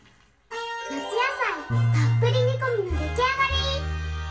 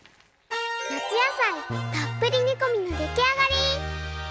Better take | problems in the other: second | room echo; dies away in 0.3 s

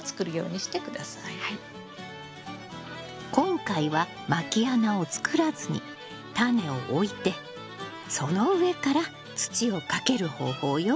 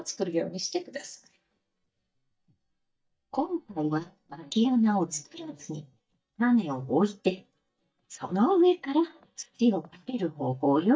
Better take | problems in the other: first | noise reduction (neural mask model DeepFilterNet 3)

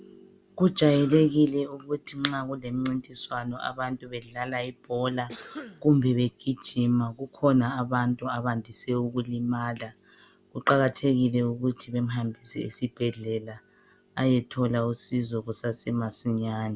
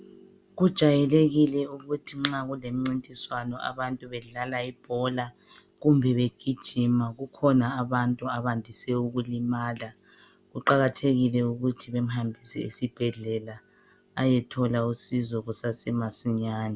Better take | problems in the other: second | background sound (Cough); 17 dB below the speech

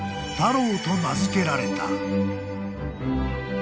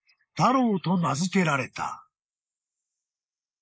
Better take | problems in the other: first | noise reduction (neural mask model Resemble Enhance denoiser)

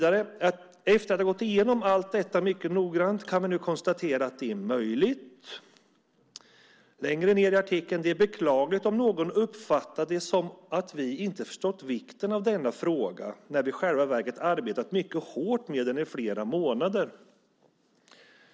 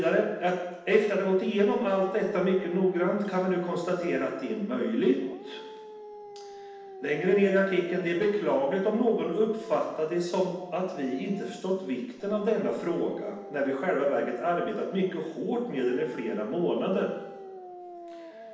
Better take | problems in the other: first | background sound (Dog); 17 dB below the speech // room echo; dies away in 0.9 s

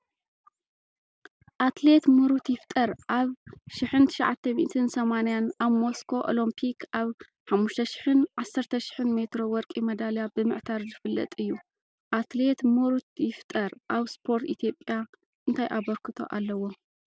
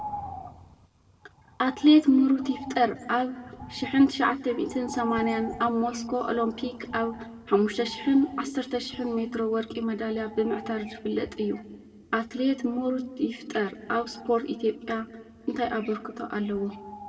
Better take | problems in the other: first | background sound (Bird); 18 dB below the speech // room echo; dies away in 1.3 s

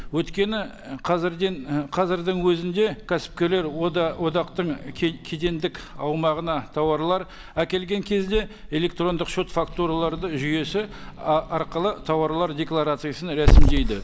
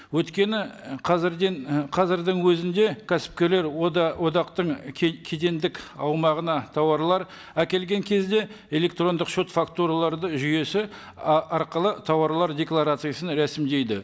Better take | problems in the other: second | background sound (Growling / Hiss); 2 dB below the speech

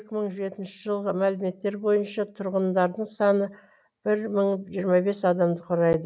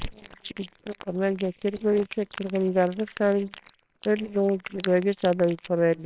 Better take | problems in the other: first | noise reduction (neural separator model SepFormer WHAMR!)

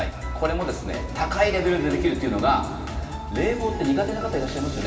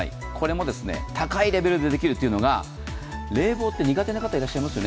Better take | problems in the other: second | room echo; dies away in 2.4 s

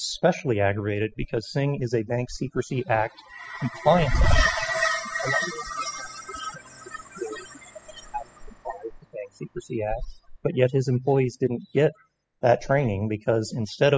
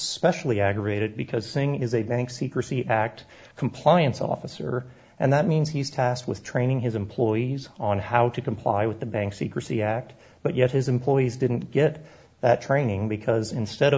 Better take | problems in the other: second | noise reduction (classical method spectral subtraction)

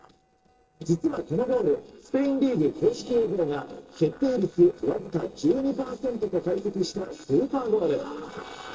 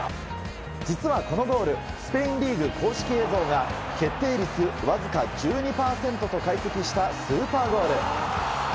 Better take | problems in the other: second | noise reduction (neural separator model SepFormer DNS4)

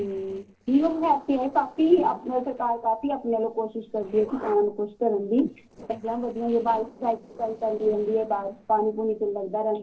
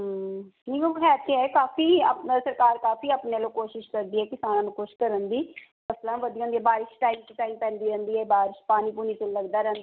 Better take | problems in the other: second | noise reduction (neural separator model SepFormer DNS4)

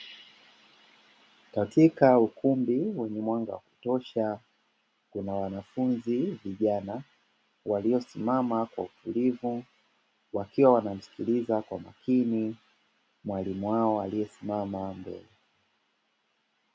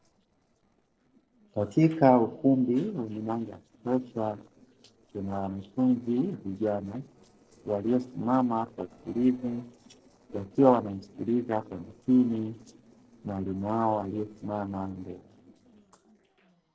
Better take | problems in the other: first | noise reduction (neural separator model SepFormer DNS4)

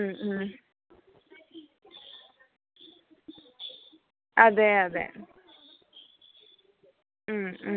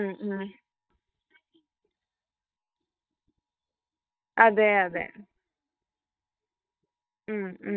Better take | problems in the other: first | noise reduction (neural mask model DeepFilterNet 3)

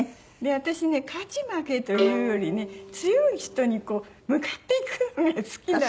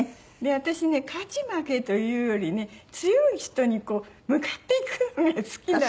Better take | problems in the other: second | background sound (Bowed string instrument); 5 dB below the speech

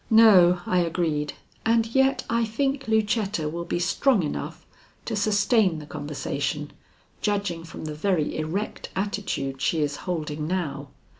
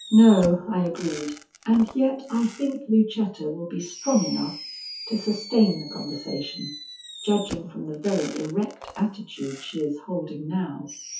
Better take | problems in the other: first | noise reduction (classical method WPE with log-MMSE)

